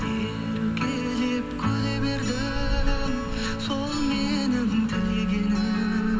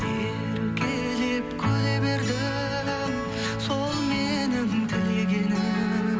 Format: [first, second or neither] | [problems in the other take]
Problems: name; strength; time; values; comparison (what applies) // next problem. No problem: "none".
second | background sound (Car passing by); 7 dB below the speech // room echo; dies away in 0.6 s